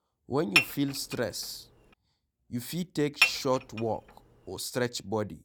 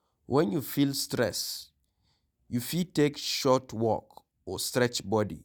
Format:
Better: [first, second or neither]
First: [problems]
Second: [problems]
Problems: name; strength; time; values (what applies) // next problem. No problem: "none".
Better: second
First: background sound (Dishes, pots, and pans / Chink, clink); 1 dB above the speech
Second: none